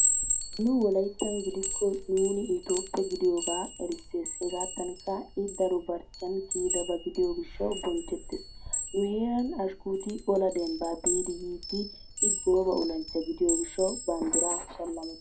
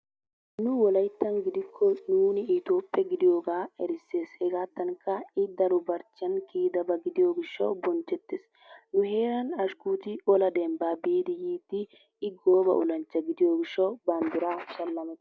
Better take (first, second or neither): second